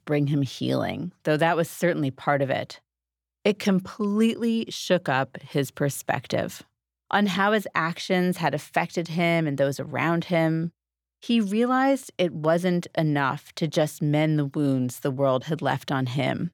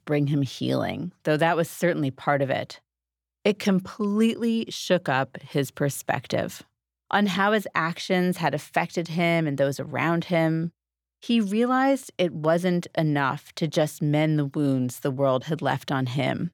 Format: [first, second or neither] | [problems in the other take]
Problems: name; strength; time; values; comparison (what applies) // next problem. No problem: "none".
neither | none